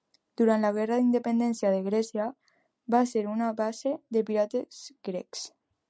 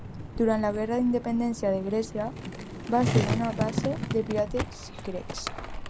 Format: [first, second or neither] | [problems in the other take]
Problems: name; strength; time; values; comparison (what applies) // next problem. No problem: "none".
first | background sound (Skateboard); 4 dB below the speech